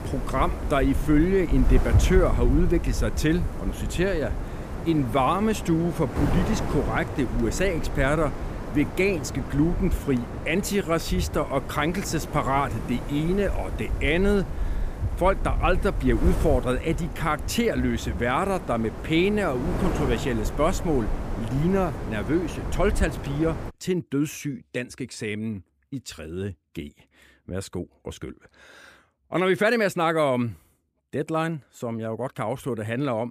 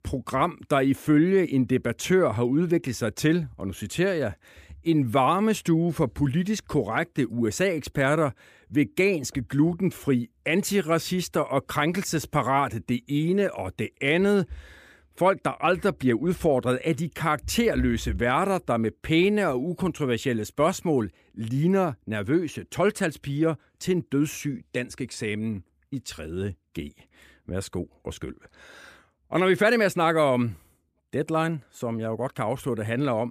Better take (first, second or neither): second